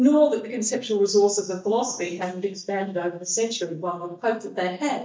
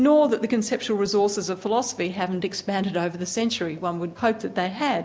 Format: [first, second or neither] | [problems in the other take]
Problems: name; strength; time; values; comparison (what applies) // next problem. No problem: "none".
second | noise reduction (neural mask model DeepFilterNet 3)